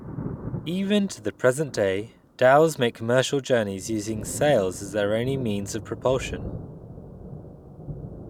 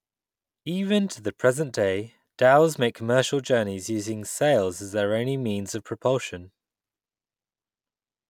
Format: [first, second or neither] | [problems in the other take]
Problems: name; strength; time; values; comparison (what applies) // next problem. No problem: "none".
second | background sound (Thunder); 13 dB below the speech